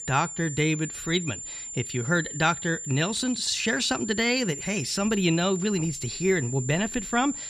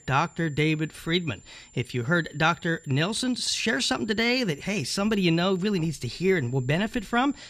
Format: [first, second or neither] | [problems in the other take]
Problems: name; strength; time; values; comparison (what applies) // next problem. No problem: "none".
second | high-pitched whine; loud; throughout; 7 kHz, 8 dB below the speech; faint in the second